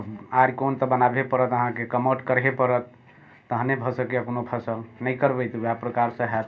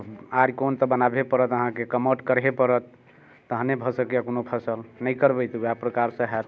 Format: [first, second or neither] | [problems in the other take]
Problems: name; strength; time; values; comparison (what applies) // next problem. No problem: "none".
second | room echo; dies away in 0.2 s